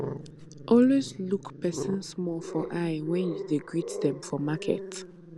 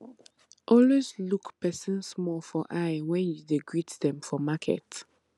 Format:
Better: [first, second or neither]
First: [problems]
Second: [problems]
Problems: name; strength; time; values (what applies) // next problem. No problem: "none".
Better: second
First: background sound (Growling); 10 dB below the speech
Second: none